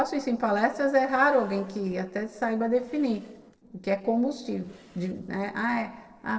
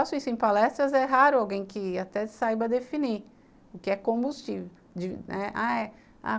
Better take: second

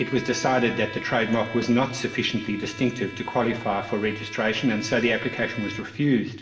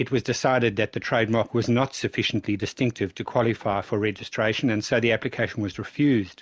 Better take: second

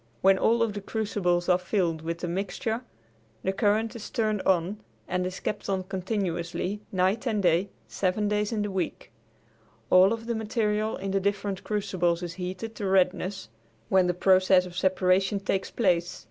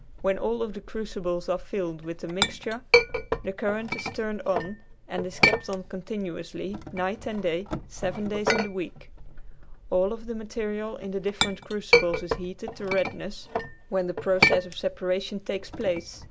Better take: first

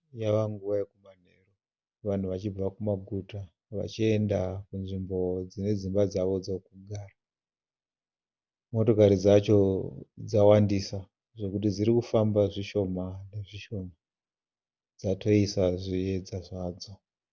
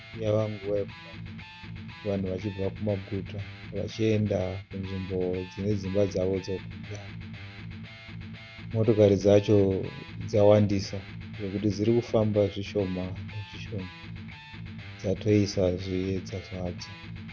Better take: first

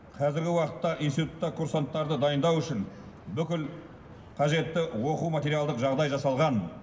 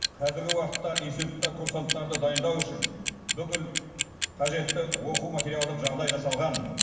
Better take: first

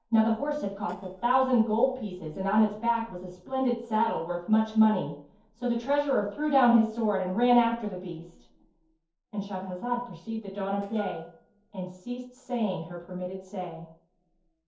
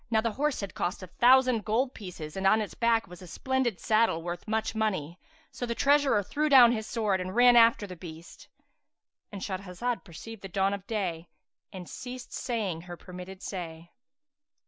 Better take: second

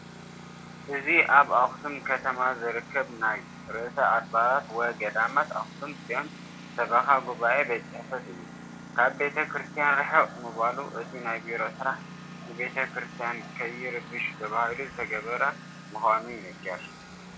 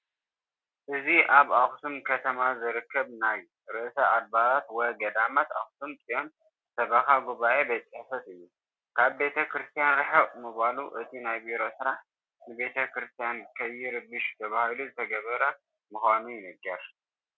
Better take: second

